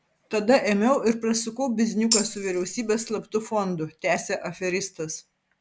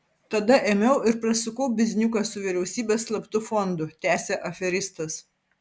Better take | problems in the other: second | background sound (Tambourine); 5 dB below the speech

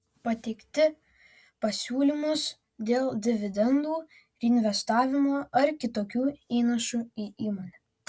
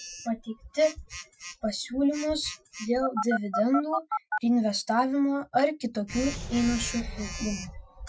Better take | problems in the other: first | noise reduction (classical method Wiener filter)

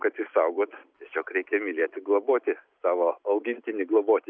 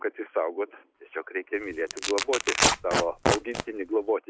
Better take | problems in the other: first | background sound (Tearing); 2 dB above the speech

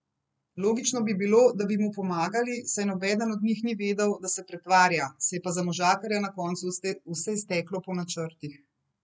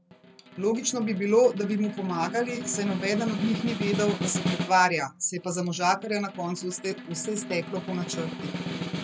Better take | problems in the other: first | background sound (Snare drum); 7 dB below the speech

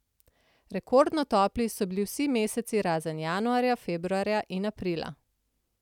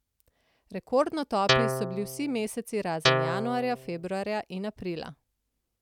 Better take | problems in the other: first | background sound (Guitar); 3 dB above the speech

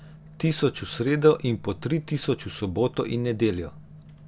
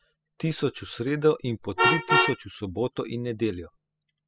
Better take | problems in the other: first | noise reduction (classical method spectral subtraction)

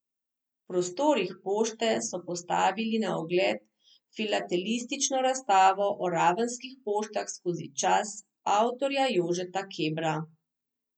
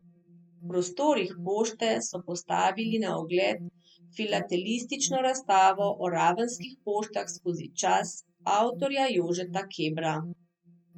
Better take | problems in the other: first | noise reduction (neural mask model RNNoise)

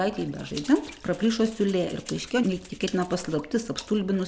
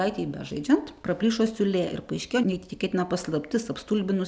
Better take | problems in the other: second | background sound (Water / Splash, splatter + Rattle (instrument)); 18 dB below the speech

